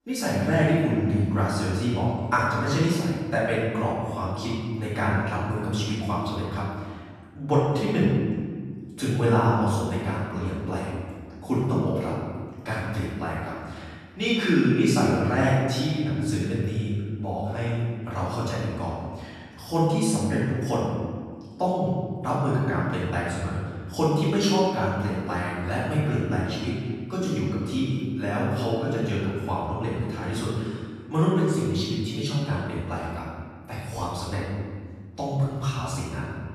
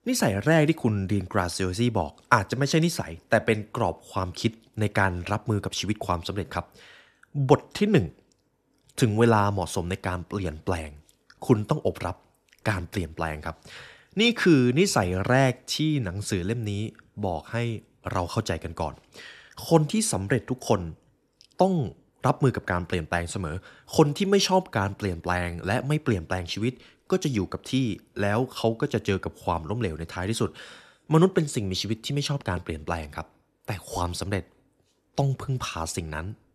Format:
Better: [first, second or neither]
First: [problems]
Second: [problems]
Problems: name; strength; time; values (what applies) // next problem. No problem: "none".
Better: second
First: off-mic speech; far // room echo; strong; dies away in 1.8 s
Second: none